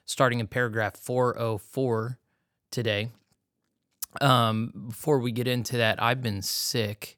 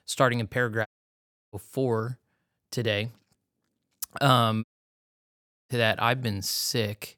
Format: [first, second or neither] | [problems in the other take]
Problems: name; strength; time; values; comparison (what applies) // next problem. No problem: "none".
first | audio cutting out; at 1 s for 0.5 s and at 4.5 s for 1 s